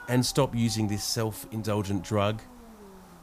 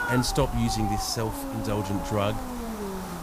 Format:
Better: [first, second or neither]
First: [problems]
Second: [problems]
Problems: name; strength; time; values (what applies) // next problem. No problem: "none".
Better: first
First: hiss; faint; throughout; 20 dB below the speech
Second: hiss; loud; throughout; 5 dB below the speech